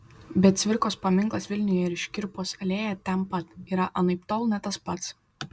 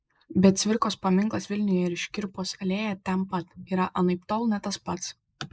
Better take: first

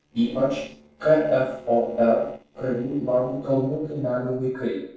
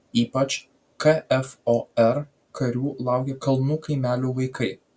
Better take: second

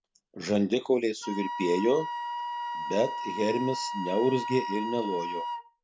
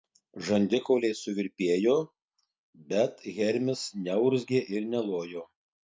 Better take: second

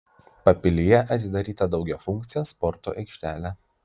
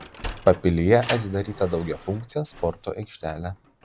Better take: first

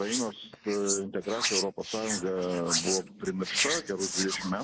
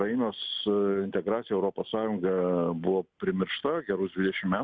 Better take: second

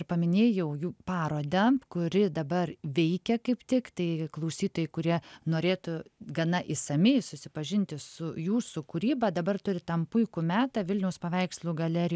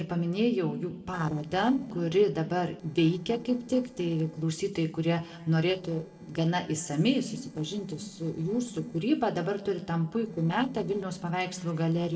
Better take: first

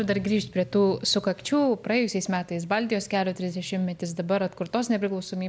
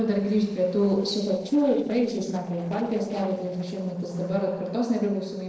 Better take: first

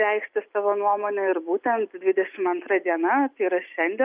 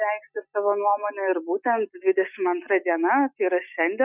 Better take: first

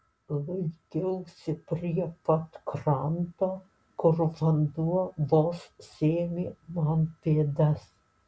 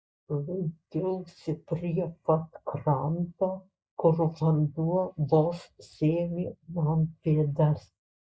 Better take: first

